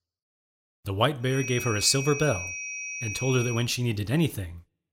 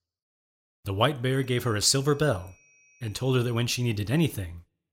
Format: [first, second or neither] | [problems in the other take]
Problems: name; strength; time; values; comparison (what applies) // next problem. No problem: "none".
second | high-pitched whine; loud; from 1.5 to 3.5 s; 2.5 kHz, 7 dB below the speech; faint in the second